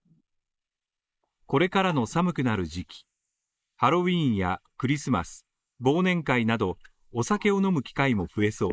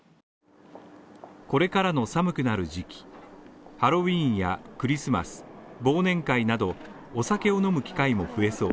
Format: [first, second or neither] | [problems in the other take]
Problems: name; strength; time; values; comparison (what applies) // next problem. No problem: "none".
second | noise reduction (neural mask model Resemble Enhance denoiser)